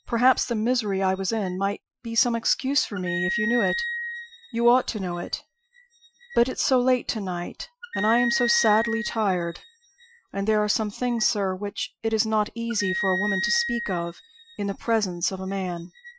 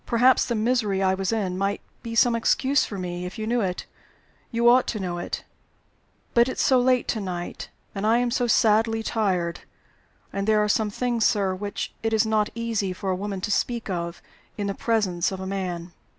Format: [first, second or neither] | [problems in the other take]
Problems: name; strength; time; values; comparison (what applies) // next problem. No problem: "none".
second | noise reduction (classical method Wiener filter)